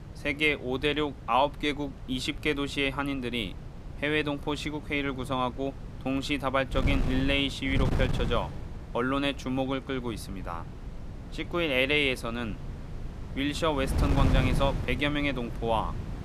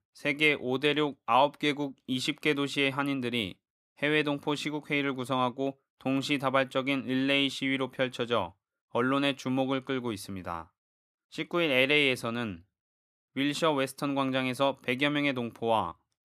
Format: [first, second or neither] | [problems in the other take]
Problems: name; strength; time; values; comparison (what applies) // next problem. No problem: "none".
second | wind noise on the microphone; occasional gusts; 15 dB below the speech